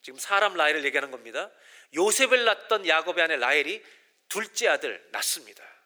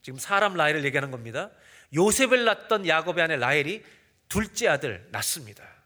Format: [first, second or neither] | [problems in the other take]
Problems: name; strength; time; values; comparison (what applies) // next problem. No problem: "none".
second | thin; somewhat; fading below 300 Hz